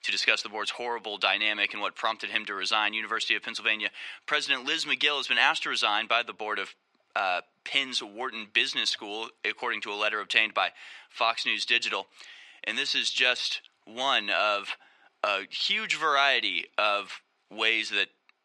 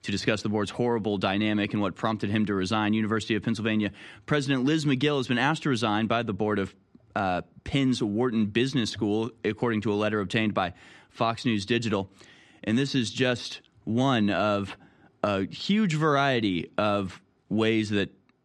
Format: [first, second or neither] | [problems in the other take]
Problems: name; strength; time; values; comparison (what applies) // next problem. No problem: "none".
second | thin; very; fading below 850 Hz